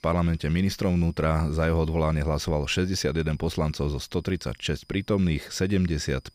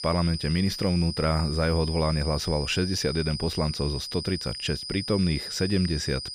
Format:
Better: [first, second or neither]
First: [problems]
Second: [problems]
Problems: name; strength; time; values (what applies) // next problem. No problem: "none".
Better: first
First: high-pitched whine; faint; throughout; 5 kHz, 35 dB below the speech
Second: high-pitched whine; loud; throughout; 5 kHz, 7 dB below the speech